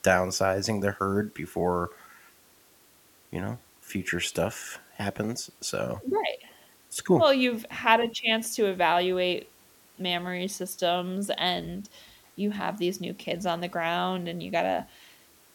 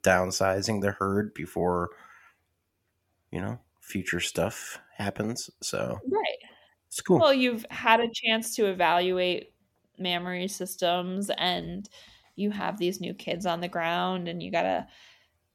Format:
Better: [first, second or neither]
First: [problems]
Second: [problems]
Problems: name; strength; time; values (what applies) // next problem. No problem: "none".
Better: second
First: hiss; faint; throughout; 30 dB below the speech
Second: none